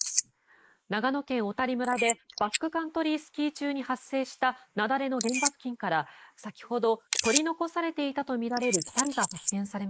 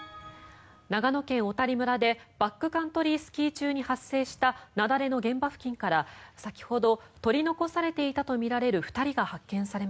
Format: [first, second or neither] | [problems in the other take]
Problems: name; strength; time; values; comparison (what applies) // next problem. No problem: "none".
second | noise reduction (neural mask model Resemble Enhance denoiser)